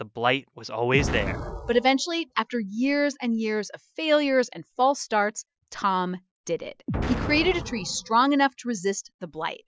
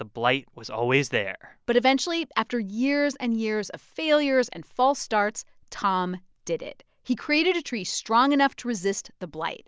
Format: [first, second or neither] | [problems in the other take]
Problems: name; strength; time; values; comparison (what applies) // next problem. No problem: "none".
second | noise reduction (classical method Wiener filter)